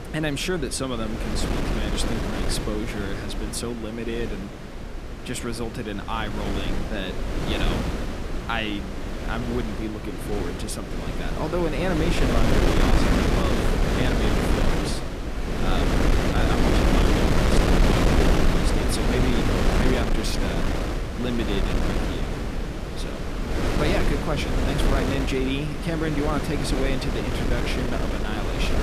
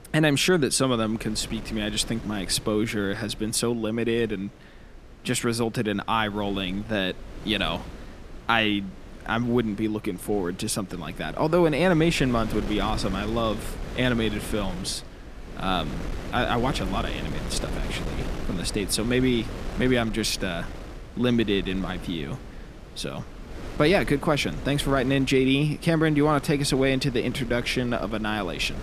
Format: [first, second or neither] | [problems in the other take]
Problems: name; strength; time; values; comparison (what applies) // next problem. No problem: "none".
second | wind noise on the microphone; heavy; 3 dB above the speech; occasional gusts in the second